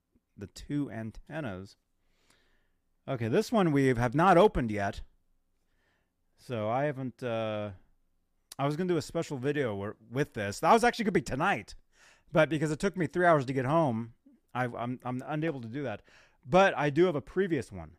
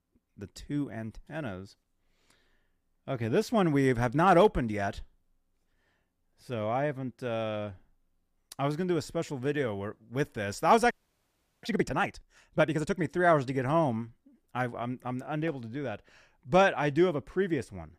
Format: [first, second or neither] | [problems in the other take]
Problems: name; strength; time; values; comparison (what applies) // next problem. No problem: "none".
first | audio freezing; at 11 s for 0.5 s